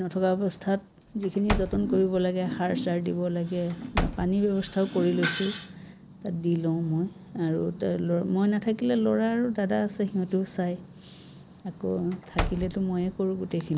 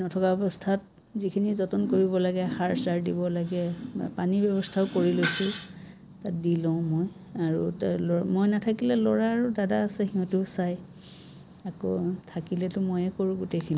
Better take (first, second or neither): second